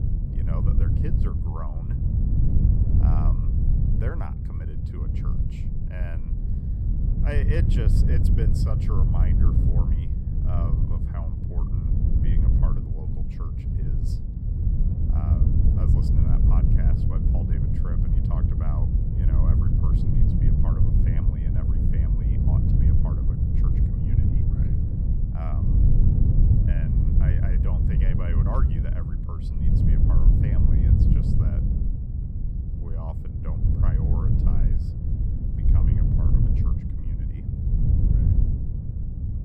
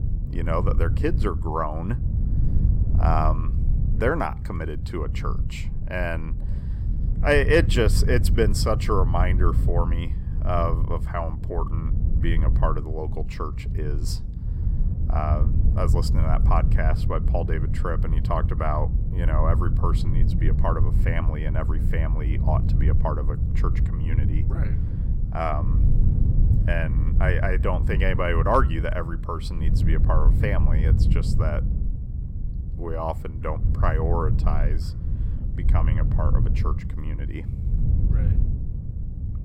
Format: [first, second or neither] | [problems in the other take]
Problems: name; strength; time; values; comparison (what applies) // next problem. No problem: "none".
second | wind noise on the microphone; heavy; 5 dB above the speech; occasional gusts in the second